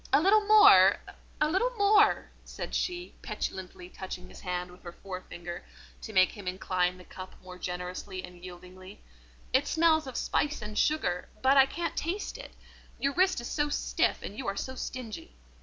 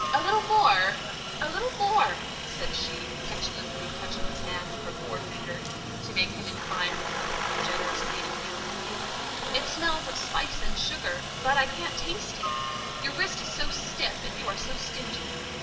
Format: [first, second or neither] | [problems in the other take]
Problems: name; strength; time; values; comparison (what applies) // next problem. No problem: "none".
first | background sound (Aircraft); 3 dB below the speech // room echo; dies away in 0.8 s